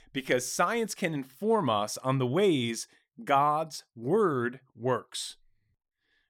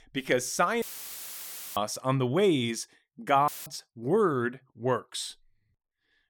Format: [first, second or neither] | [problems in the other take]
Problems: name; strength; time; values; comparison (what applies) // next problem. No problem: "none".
first | audio cutting out; filled with static; at 1 s for 1 s and at 3.5 s